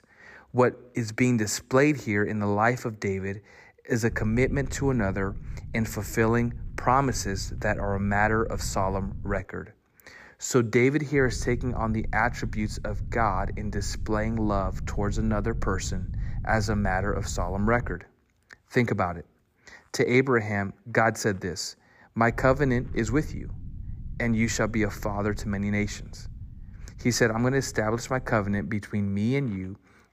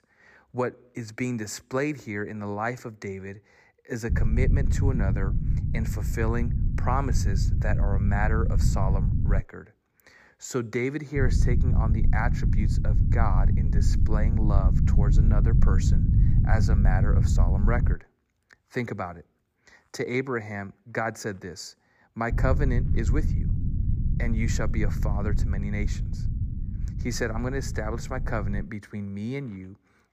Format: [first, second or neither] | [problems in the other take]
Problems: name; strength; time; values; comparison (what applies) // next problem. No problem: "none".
first | low rumble; loud; from 4 to 9.5 s, from 11 to 18 s and from 22 to 29 s; 7 dB below the speech; faint in the first